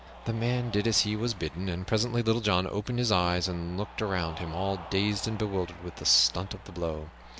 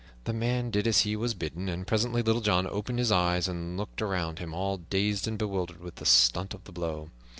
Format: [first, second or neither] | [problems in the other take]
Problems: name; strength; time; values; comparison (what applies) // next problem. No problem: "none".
second | background sound (Cheering); 18 dB below the speech